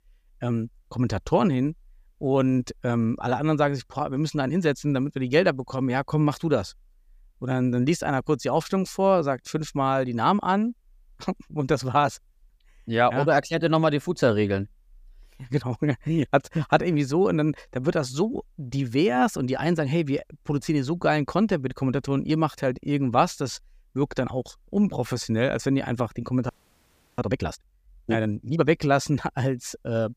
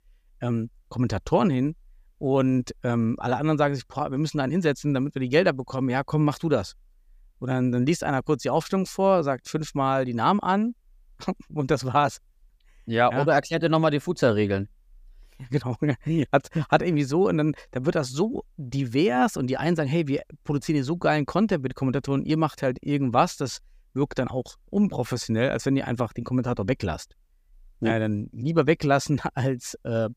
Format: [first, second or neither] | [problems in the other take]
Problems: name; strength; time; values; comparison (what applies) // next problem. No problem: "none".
second | audio freezing; at 26 s for 0.5 s